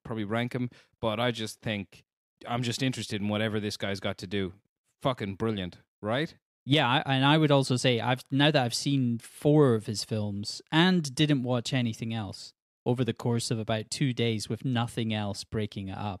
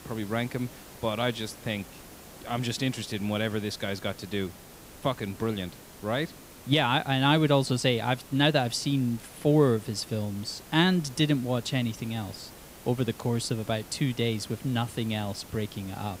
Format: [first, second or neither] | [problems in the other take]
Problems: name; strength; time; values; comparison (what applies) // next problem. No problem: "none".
first | hiss; noticeable; throughout; 20 dB below the speech